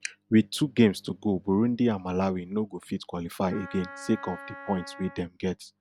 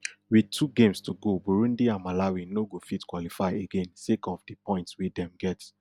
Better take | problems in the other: second | background sound (Wind instrument, woodwind instrument); 16 dB below the speech

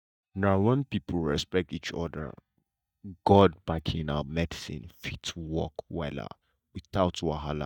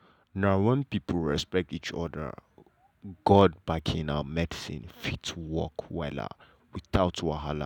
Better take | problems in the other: second | noise reduction (neural mask model DeepFilterNet 3)

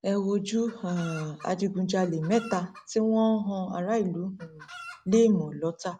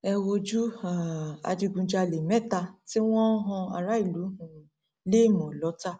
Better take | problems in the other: second | background sound (Chicken, rooster); 19 dB below the speech

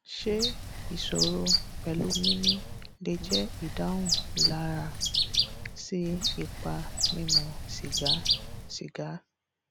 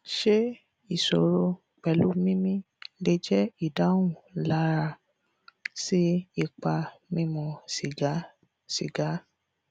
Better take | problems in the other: second | background sound (Bird); 4 dB above the speech

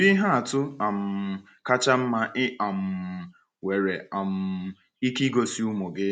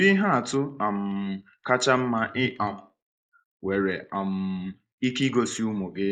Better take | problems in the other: first | noise reduction (neural mask model Resemble Enhance denoiser)

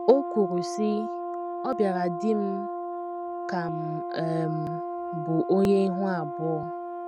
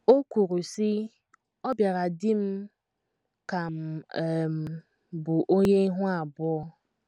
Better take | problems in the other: second | background sound (Brass instrument); 5 dB below the speech

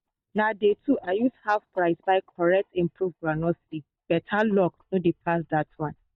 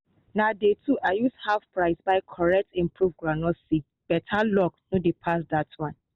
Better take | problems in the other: second | noise reduction (neural mask model DeepFilterNet 3)

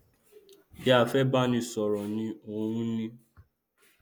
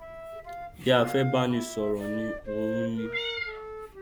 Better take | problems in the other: first | background sound (Meow + Wind instrument, woodwind instrument); 7 dB below the speech

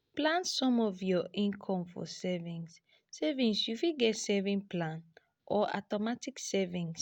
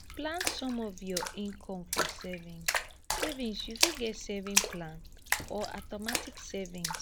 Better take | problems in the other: first | background sound (Splash, splatter); 3 dB above the speech

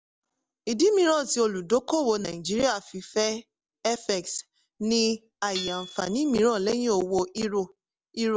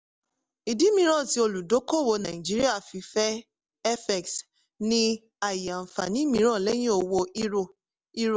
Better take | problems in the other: second | background sound (Hammer / Chink, clink); 17 dB below the speech

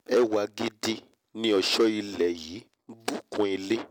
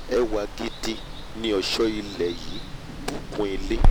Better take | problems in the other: first | background sound (Water); 2 dB above the speech

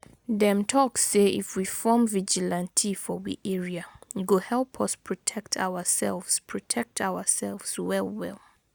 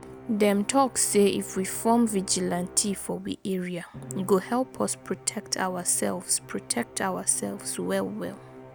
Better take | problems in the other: first | background sound (Musical instrument); 18 dB below the speech

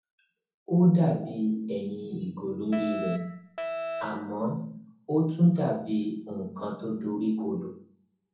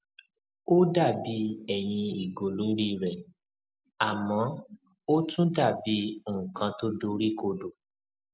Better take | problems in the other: second | background sound (Alarm); 7 dB below the speech // room echo; dies away in 0.6 s

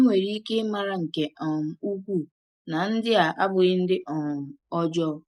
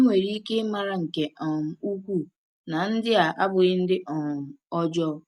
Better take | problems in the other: second | noise reduction (neural mask model Resemble Enhance denoiser)

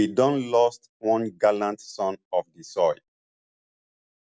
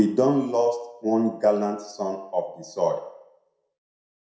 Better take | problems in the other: first | room echo; dies away in 0.6 s

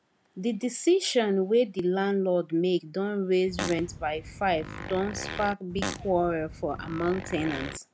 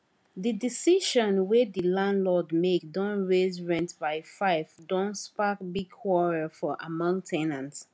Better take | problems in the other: second | background sound (Fart); 10 dB below the speech

